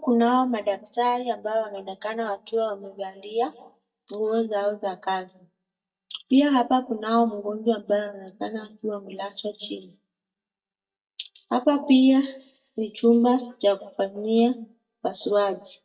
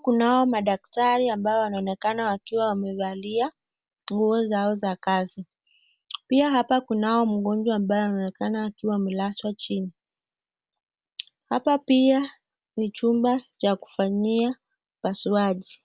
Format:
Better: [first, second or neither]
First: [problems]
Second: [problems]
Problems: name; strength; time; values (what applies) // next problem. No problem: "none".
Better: second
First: noise reduction (neural mask model DeepFilterNet 3)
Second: none